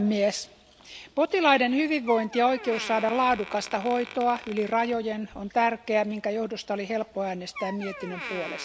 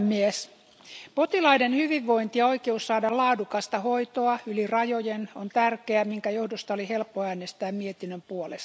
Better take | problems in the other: second | background sound (Door); 16 dB below the speech

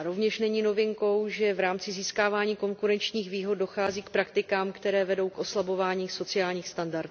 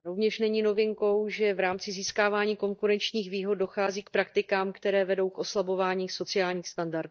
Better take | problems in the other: first | noise reduction (neural mask model DeepFilterNet 3)

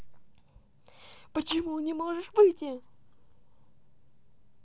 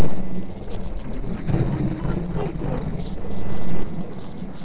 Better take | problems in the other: first | noise reduction (neural separator model SepFormer DNS4)

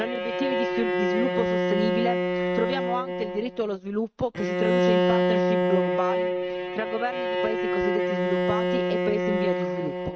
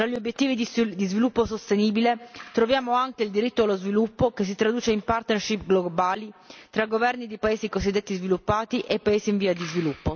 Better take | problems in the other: second | noise reduction (neural mask model RNNoise)

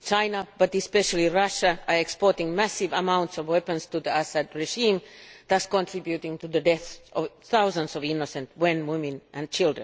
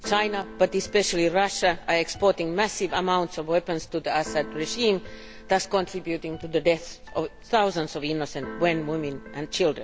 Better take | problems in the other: first | background sound (Keyboard (musical)); 16 dB below the speech

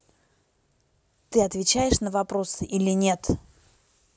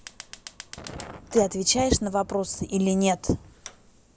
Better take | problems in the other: first | background sound (Fire); 18 dB below the speech

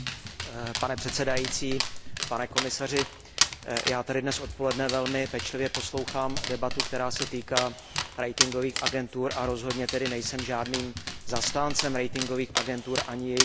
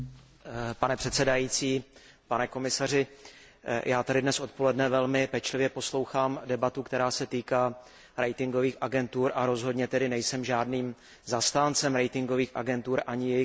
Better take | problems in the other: second | background sound (Dog); 2 dB below the speech

